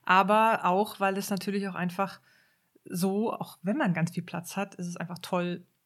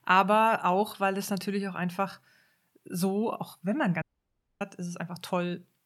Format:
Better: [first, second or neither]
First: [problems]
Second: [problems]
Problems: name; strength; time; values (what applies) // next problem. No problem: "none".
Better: first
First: none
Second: audio cutting out; at 4 s for 0.5 s